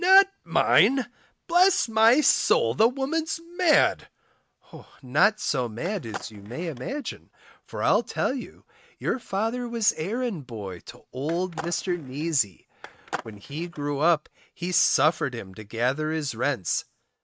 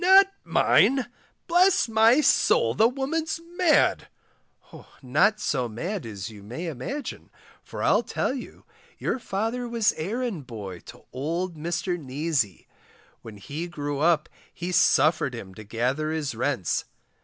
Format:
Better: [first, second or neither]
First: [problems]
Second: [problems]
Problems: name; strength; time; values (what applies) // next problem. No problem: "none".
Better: second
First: noise reduction (neural mask model RNNoise)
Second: none